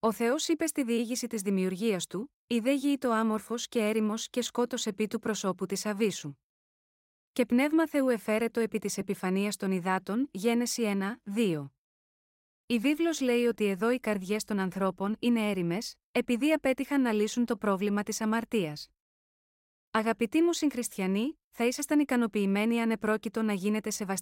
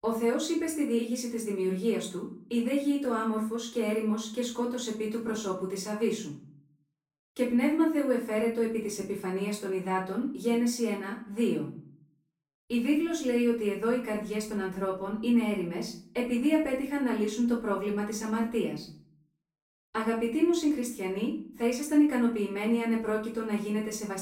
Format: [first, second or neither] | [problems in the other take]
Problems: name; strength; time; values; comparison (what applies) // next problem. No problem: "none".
first | off-mic speech; far // room echo; slight; dies away in 0.4 s